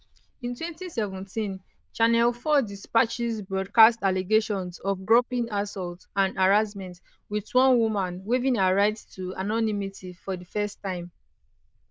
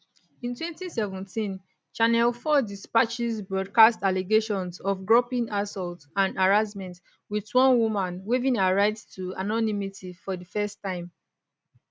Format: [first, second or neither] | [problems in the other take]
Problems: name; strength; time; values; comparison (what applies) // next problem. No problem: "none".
second | noise reduction (neural diffusion model UNIVERSE++)